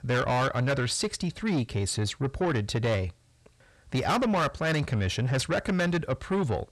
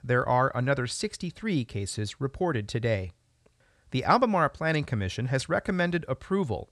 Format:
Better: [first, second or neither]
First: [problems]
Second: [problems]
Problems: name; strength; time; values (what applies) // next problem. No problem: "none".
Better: second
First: distortion; heavy; 6 dB below the speech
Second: none